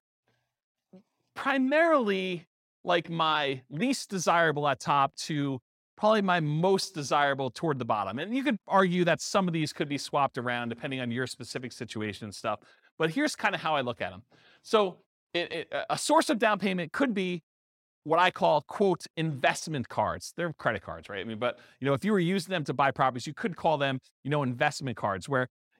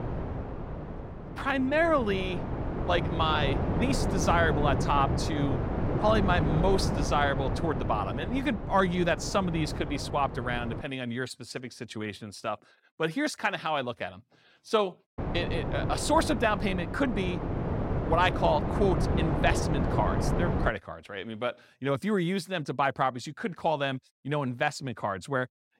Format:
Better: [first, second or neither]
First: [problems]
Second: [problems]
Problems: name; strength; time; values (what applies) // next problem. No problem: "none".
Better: first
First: none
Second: wind noise on the microphone; heavy; until 11 s and from 15 to 21 s; 7 dB below the speech